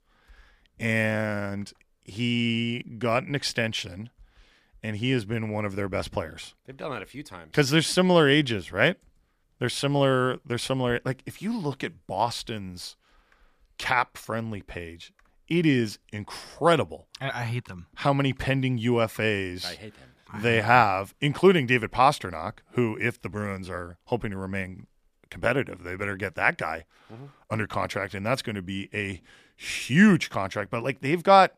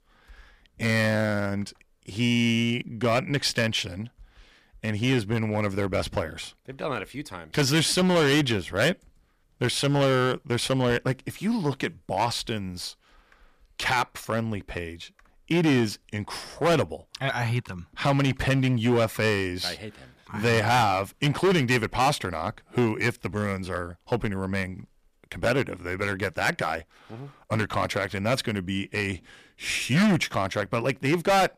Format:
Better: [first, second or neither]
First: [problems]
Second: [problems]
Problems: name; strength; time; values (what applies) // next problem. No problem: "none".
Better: first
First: none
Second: distortion; heavy; 6% of the sound clipped